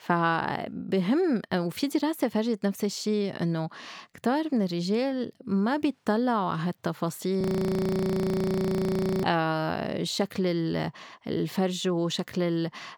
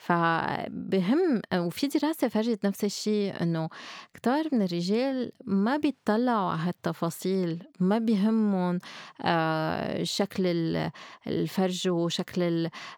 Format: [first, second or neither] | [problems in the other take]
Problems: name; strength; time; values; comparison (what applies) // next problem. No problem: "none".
second | audio freezing; at 7.5 s for 2 s